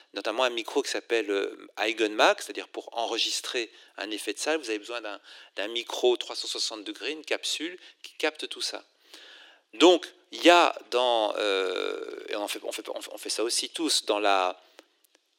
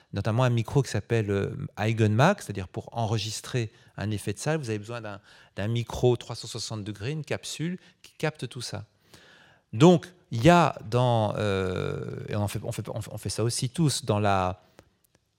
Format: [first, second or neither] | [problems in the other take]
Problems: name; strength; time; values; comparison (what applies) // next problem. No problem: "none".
second | thin; very; fading below 300 Hz